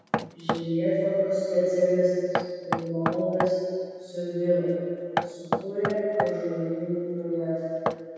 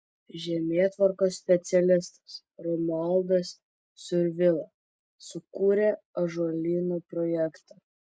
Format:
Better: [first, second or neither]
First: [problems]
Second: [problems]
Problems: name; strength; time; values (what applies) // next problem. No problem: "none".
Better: second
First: background sound (Knock); 7 dB below the speech // room echo; dies away in 2.2 s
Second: none